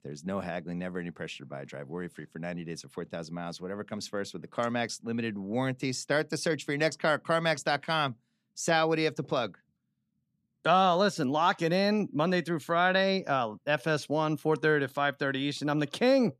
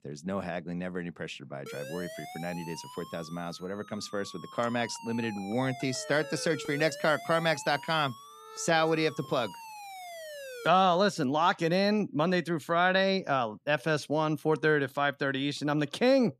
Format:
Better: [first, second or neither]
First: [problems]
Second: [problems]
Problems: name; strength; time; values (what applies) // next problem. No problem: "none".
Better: first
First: none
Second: siren; faint; from 1.5 to 11 s; peak 10 dB below the speech